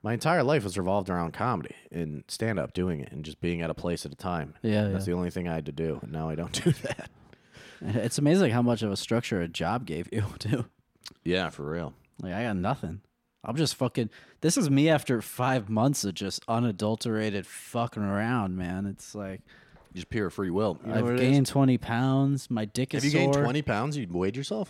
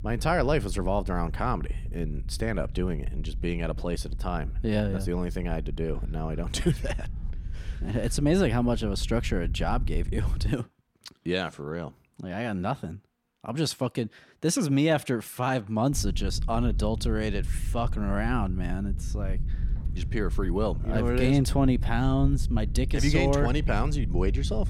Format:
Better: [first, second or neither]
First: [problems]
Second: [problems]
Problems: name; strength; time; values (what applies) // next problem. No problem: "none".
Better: first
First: none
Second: low rumble; noticeable; until 10 s and from 16 s on; 20 dB below the speech